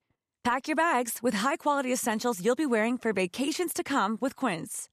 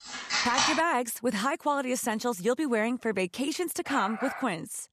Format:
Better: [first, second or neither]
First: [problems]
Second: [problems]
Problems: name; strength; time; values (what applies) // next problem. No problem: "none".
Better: first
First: none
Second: phone ringing; loud; at the start; peak 5 dB above the speech // dog barking; noticeable; at 4 s; peak 7 dB below the speech